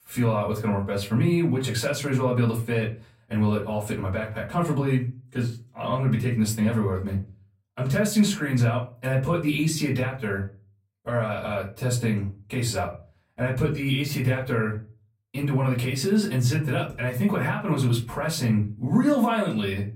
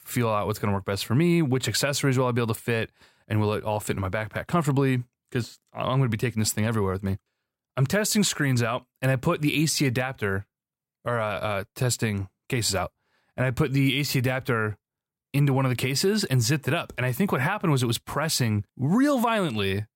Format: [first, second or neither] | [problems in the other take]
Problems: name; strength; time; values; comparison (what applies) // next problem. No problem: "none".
second | off-mic speech; far // room echo; very slight; dies away in 0.3 s